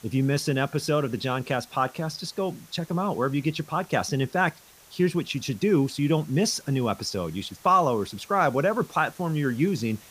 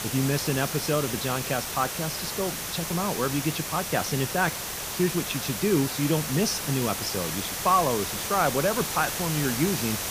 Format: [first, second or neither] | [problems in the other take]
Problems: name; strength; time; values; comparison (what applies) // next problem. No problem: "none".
first | hiss; loud; throughout; 3 dB below the speech; faint in the first